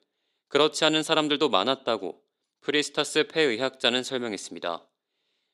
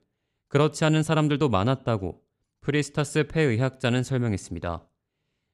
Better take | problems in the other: second | thin; somewhat; fading below 300 Hz

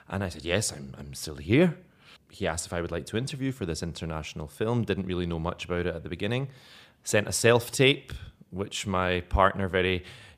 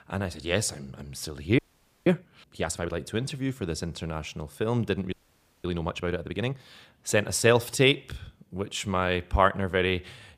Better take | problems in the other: first | audio freezing; at 1.5 s and at 5 s for 0.5 s

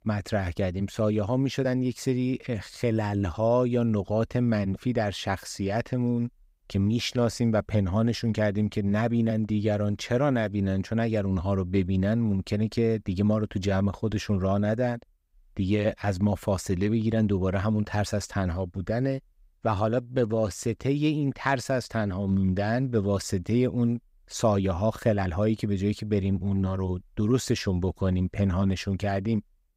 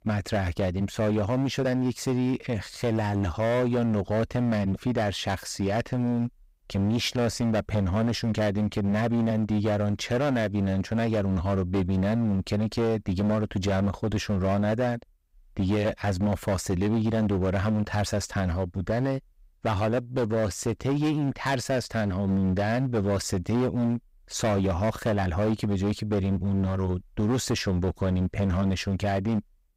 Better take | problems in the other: first | distortion; slight; 18% of the sound clipped

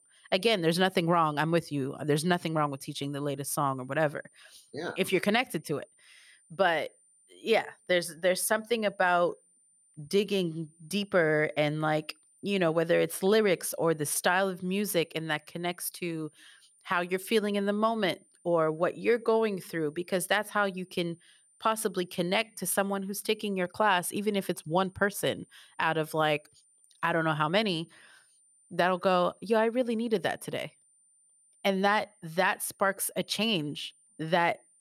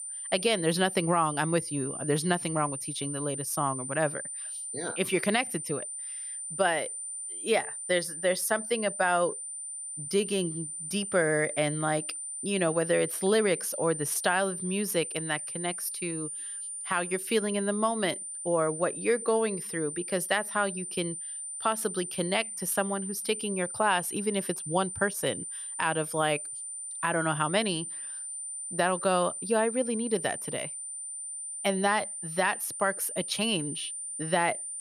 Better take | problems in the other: first | high-pitched whine; loud; throughout; 9 kHz, 6 dB below the speech; faint in the first

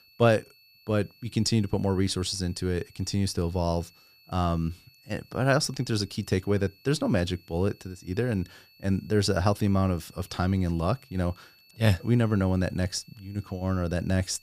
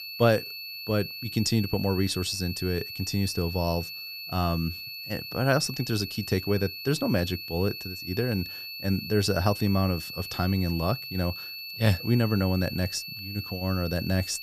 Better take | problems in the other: first | high-pitched whine; loud; throughout; 4.5 kHz, 8 dB below the speech; faint in the first

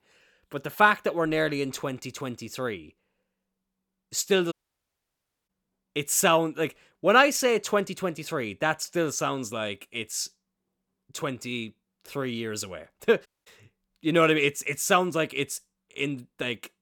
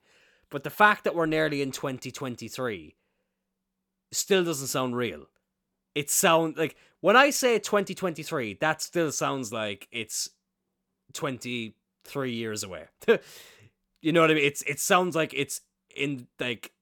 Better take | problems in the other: second | audio cutting out; at 4.5 s for 1 s and at 13 s

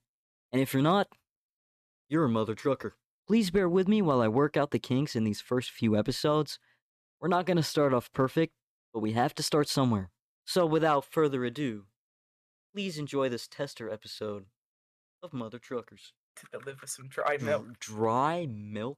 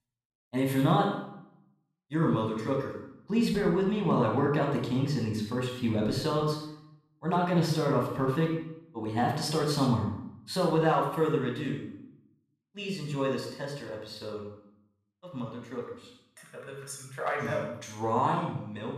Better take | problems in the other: first | off-mic speech; somewhat distant // room echo; noticeable; dies away in 0.6 s

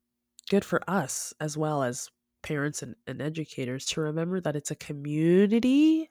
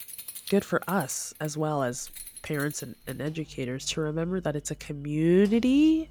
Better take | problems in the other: first | household noises; noticeable; throughout; 20 dB below the speech

